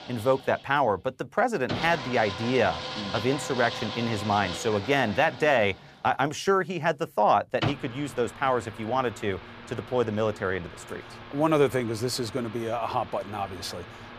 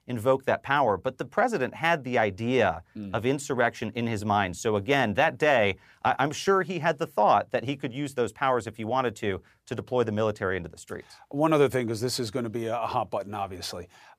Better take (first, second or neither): second